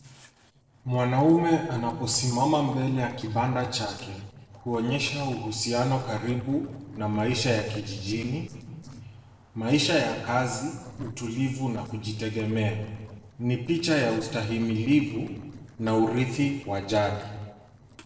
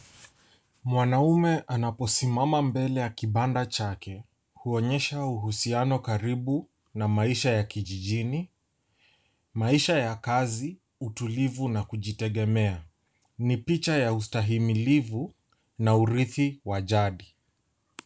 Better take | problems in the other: second | noise reduction (neural separator model SepFormer DNS4)

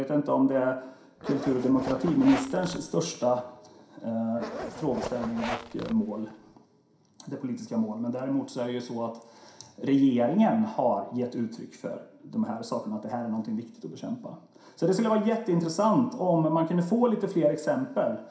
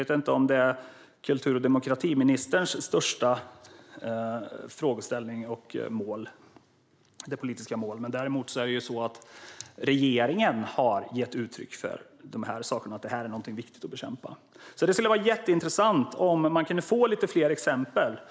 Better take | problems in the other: second | background sound (Zipper (clothing)); 11 dB below the speech // room echo; dies away in 0.5 s

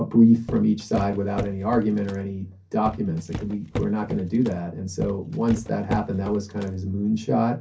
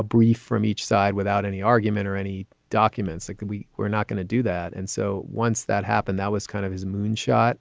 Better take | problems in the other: second | background sound (Walk, footsteps); 11 dB below the speech // room echo; dies away in 0.3 s

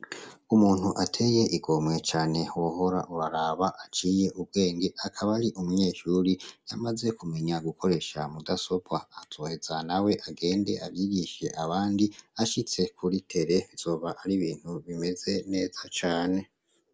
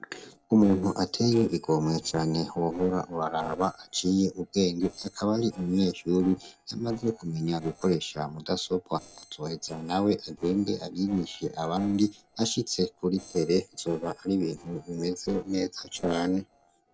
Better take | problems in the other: first | noise reduction (neural separator model SepFormer DNS4)

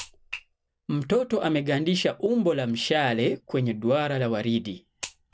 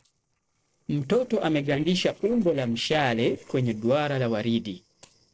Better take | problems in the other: first | noise reduction (neural separator model SepFormer DNS4)

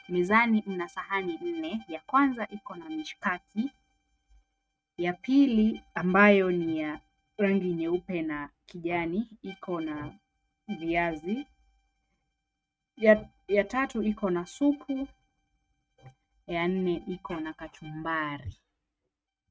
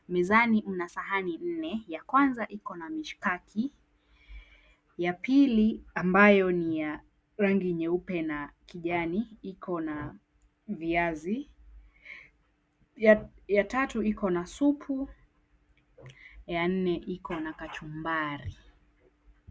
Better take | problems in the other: second | noise reduction (neural mask model RNNoise)

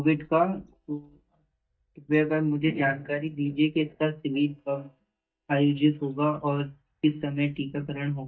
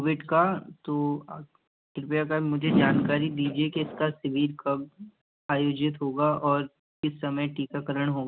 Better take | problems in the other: second | noise reduction (neural mask model DeepFilterNet 3)

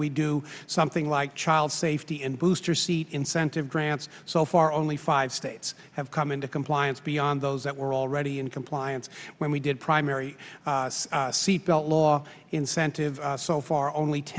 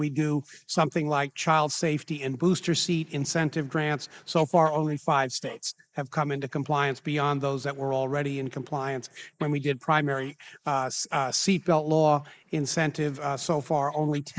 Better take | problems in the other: first | noise reduction (neural mask model Resemble Enhance denoiser)

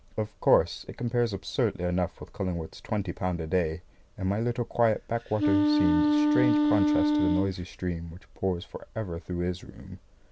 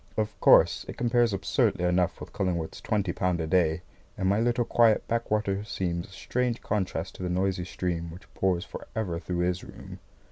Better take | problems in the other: second | background sound (Wind instrument, woodwind instrument); 4 dB above the speech

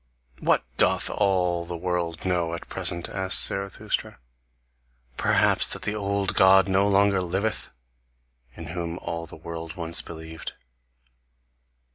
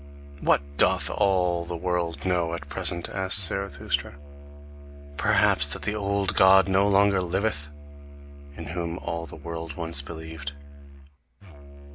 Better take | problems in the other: first | background sound (Musical instrument); 14 dB below the speech

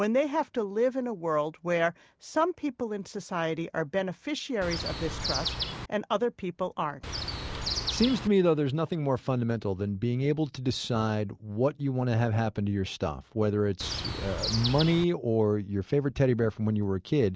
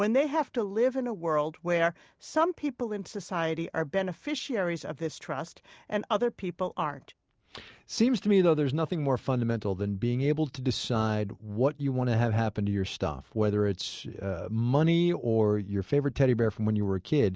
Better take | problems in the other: second | background sound (Chirp, tweet); 5 dB below the speech

